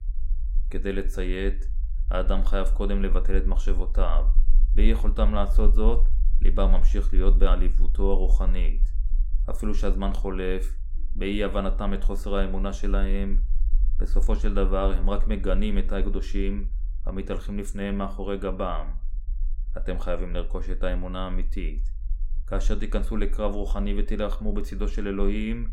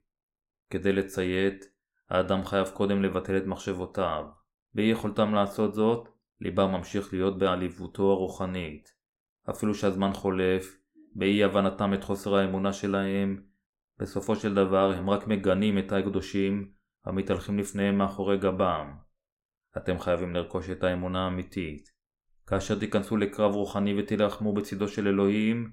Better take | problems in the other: second | low rumble; faint; throughout; 25 dB below the speech

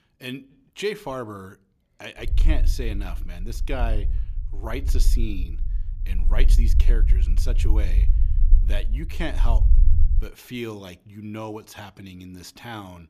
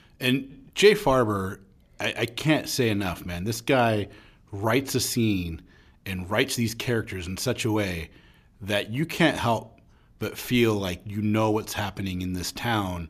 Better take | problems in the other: second | low rumble; noticeable; from 2.5 to 10 s; 10 dB below the speech

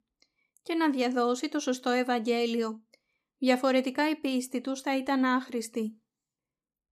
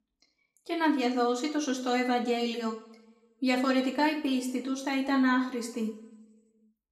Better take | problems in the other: first | room echo; slight; dies away in 0.6 s // off-mic speech; somewhat distant

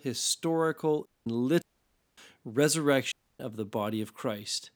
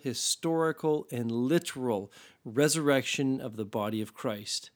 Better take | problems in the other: second | audio cutting out; at 1 s, at 1.5 s for 0.5 s and at 3 s

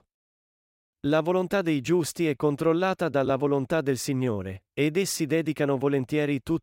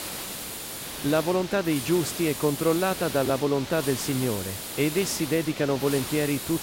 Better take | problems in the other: first | hiss; loud; throughout; 7 dB below the speech

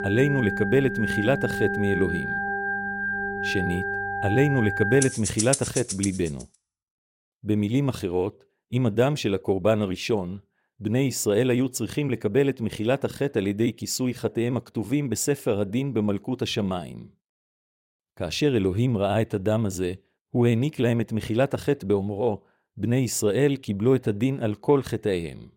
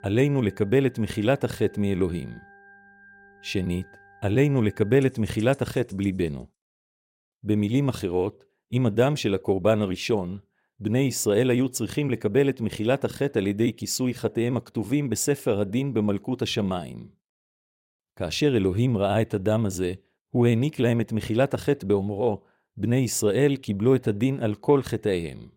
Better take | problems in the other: second | background music; loud; until 6 s; 3 dB below the speech; faint in the second

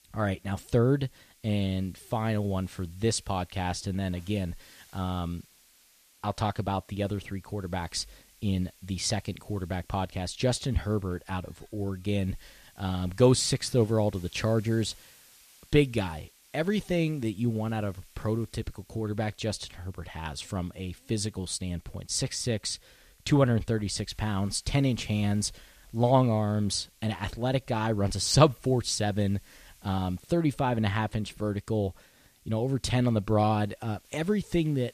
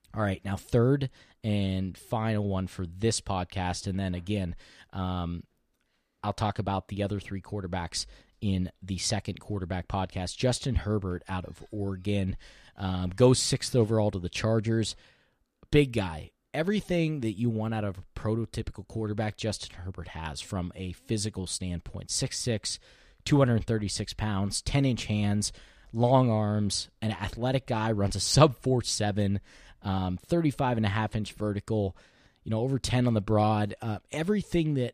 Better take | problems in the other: second | hiss; faint; throughout; 30 dB below the speech

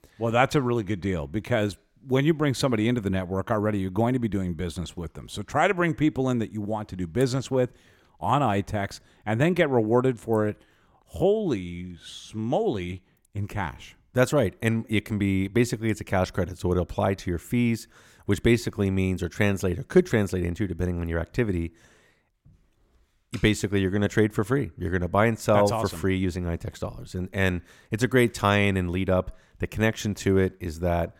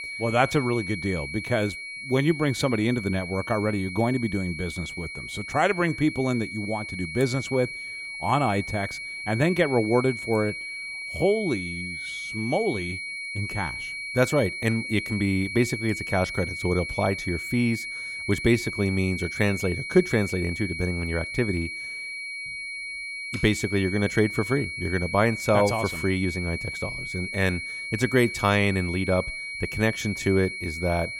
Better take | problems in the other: first | high-pitched whine; loud; throughout; 2 kHz, 6 dB below the speech

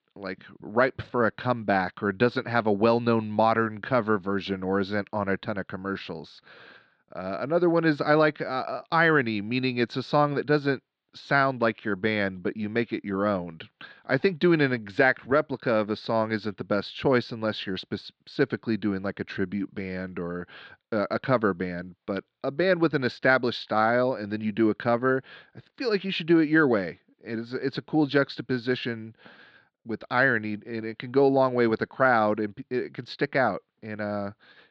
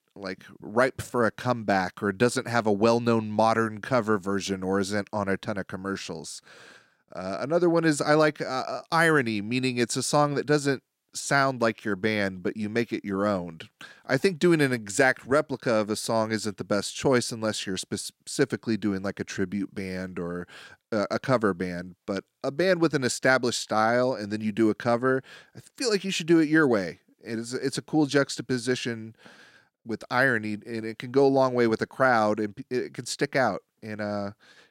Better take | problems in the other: second | muffled; slightly; fading above 4 kHz

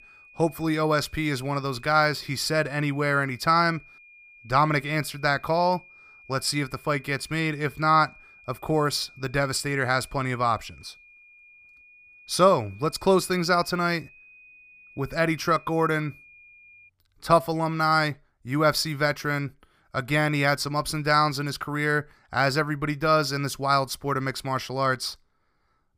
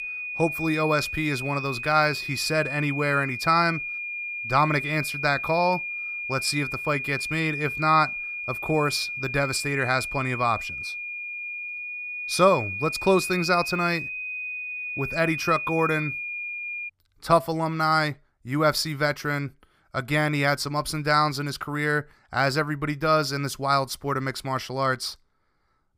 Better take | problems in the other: first | high-pitched whine; loud; until 17 s; 2.5 kHz, 5 dB below the speech; faint in the first

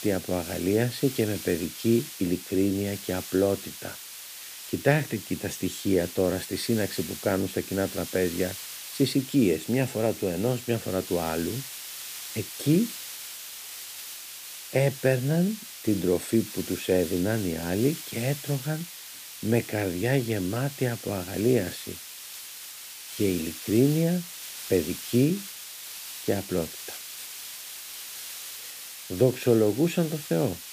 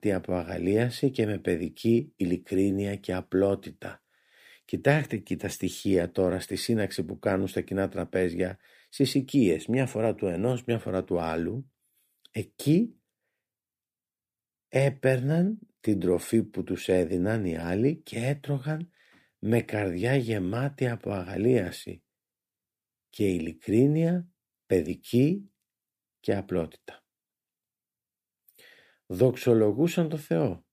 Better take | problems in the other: second | hiss; noticeable; throughout; 10 dB below the speech

